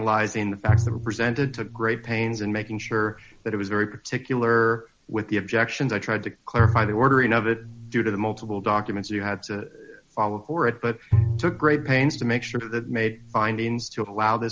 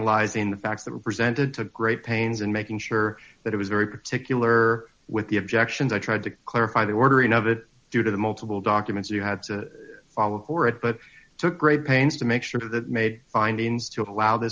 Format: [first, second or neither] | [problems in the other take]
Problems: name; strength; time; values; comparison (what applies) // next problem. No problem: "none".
second | background sound (Bowed string instrument); 4 dB below the speech